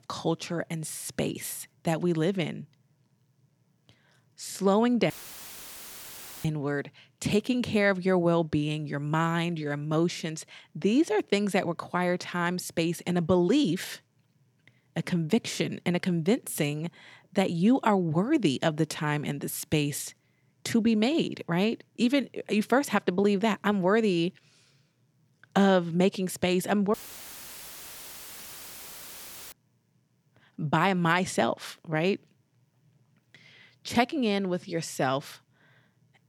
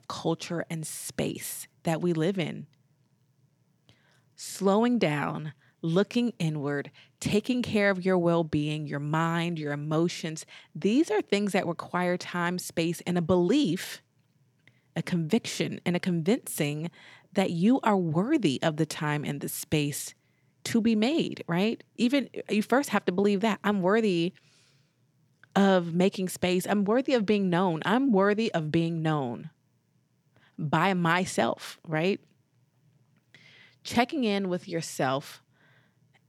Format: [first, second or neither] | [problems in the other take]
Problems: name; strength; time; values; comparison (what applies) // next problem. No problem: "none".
second | audio cutting out; filled with static; at 5 s for 1.5 s and at 27 s for 2.5 s